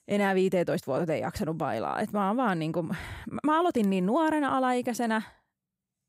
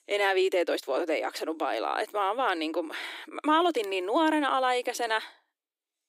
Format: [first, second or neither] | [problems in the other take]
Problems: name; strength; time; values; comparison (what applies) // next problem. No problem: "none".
first | thin; somewhat; fading below 300 Hz